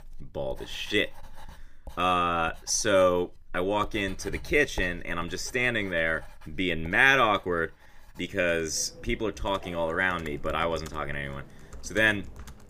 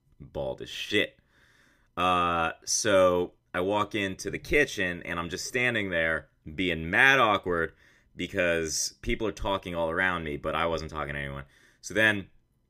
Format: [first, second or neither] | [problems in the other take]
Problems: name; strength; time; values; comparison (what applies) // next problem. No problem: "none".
second | household noises; faint; throughout; 20 dB below the speech